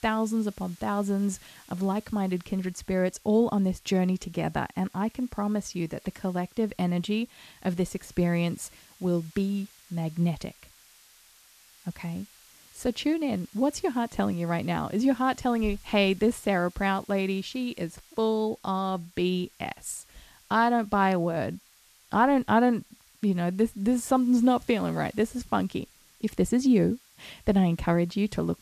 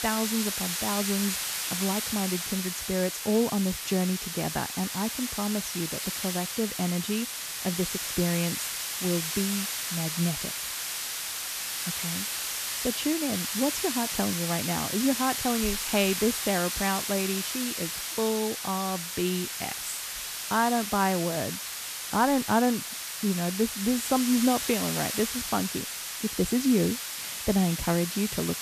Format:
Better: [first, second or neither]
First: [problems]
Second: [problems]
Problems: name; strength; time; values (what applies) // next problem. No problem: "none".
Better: first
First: hiss; faint; throughout; 25 dB below the speech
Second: hiss; loud; throughout; 2 dB below the speech